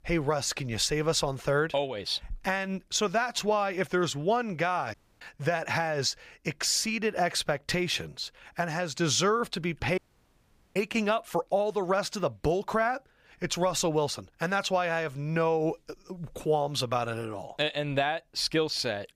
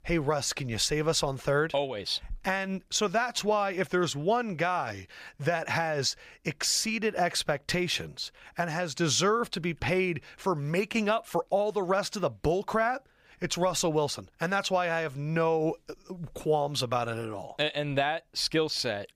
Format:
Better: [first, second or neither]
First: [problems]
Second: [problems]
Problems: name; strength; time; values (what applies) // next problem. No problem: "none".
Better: second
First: audio cutting out; at 5 s and at 10 s for 1 s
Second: none